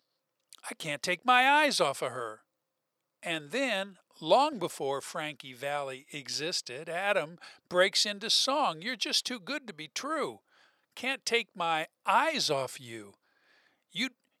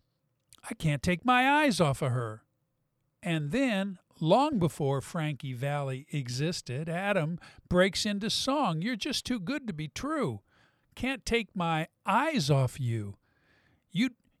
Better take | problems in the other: second | thin; somewhat; fading below 450 Hz

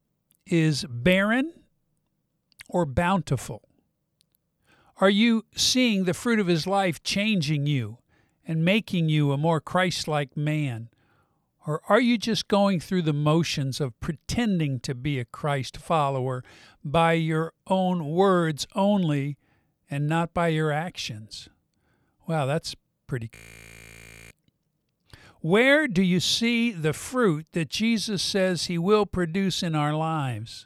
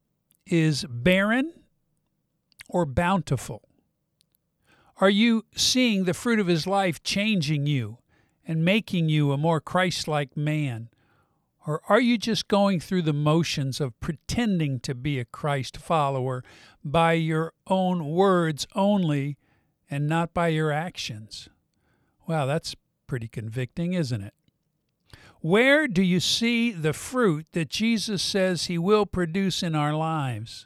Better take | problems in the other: second | audio freezing; at 23 s for 1 s

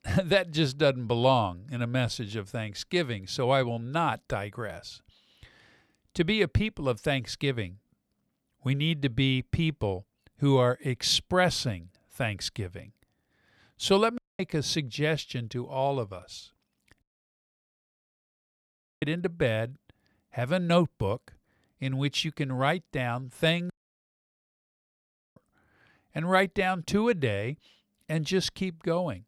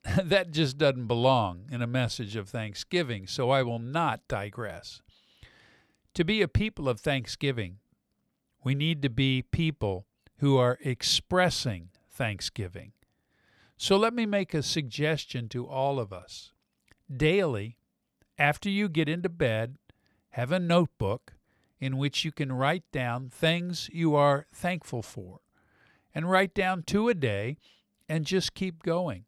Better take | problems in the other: second | audio cutting out; at 14 s, at 17 s for 2 s and at 24 s for 1.5 s

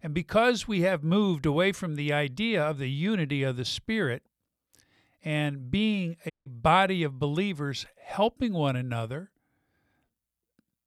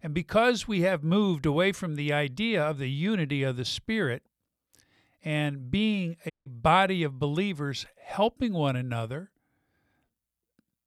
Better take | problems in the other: neither | audio cutting out; at 6.5 s; the same in both

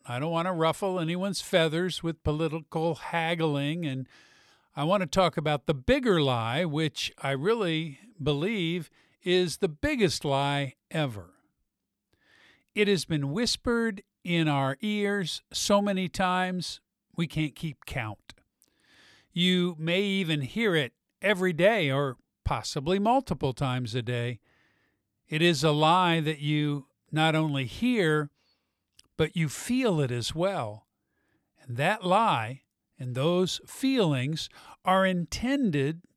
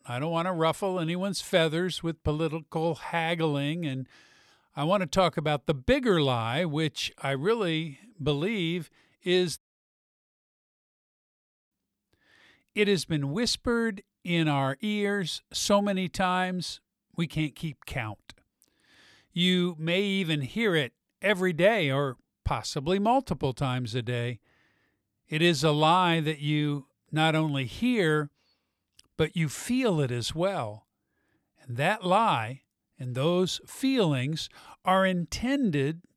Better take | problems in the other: first | audio cutting out; at 9.5 s for 2 s

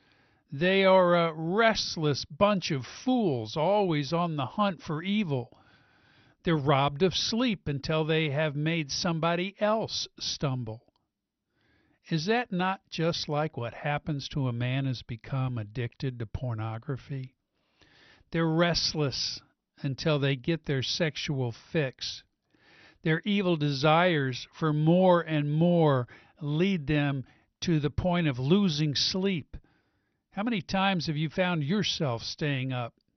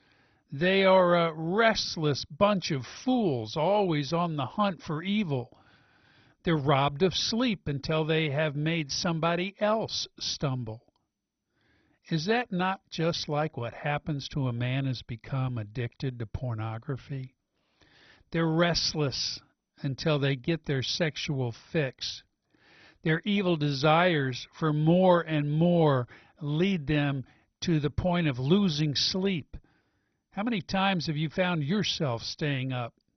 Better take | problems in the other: first | garbled, watery; badly; nothing above 6 kHz; slightly in the first

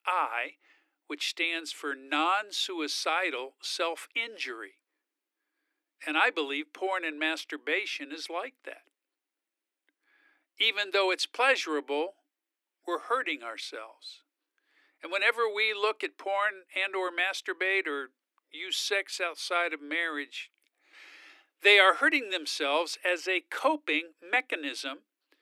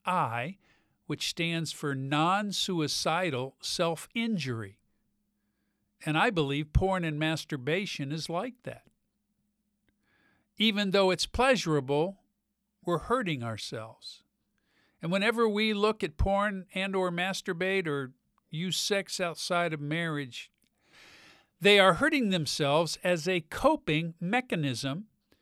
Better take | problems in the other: second | thin; somewhat; fading below 300 Hz

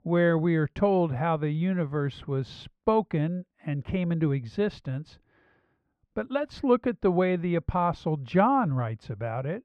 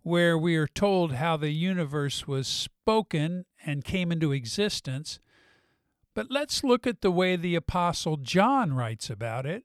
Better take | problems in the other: second | muffled; very; fading above 4 kHz

